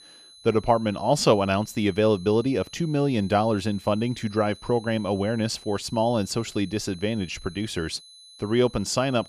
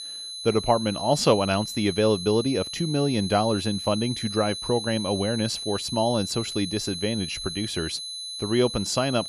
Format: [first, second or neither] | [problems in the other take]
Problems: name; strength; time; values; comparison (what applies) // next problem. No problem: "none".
first | high-pitched whine; loud; throughout; 4 kHz, 7 dB below the speech; faint in the first